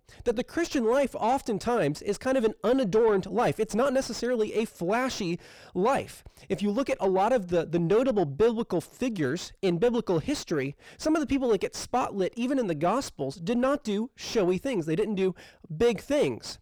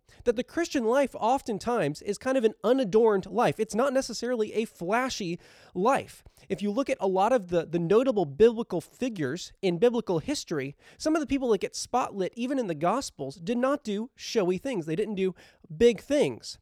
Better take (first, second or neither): second